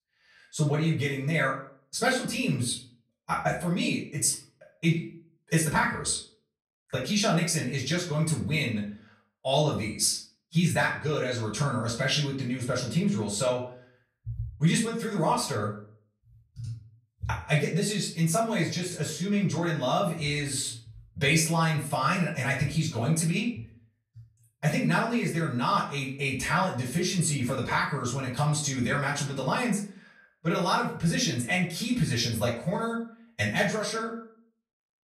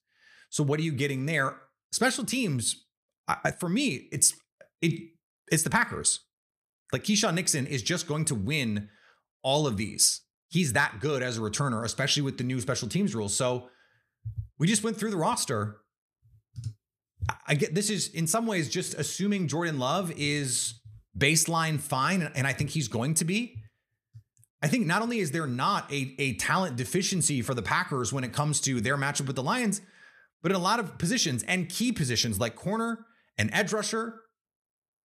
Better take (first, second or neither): second